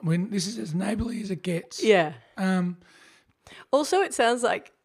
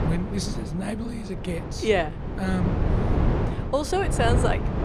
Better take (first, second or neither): first